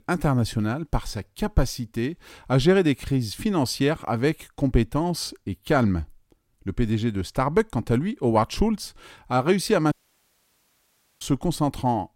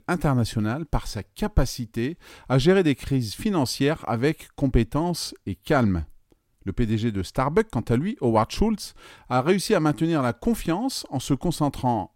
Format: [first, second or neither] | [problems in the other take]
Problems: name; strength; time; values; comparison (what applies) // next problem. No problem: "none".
second | audio cutting out; at 10 s for 1.5 s